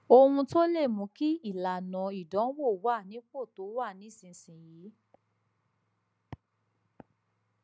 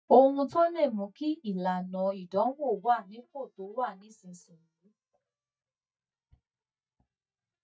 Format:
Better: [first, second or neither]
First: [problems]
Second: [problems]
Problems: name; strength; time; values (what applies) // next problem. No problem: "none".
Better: first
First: none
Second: noise reduction (neural mask model DeepFilterNet 3)